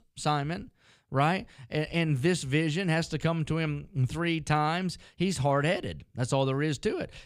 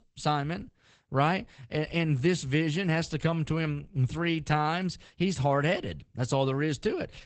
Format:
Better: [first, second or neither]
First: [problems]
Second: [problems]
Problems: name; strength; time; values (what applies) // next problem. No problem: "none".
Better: first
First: none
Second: garbled, watery; badly; nothing above 8 kHz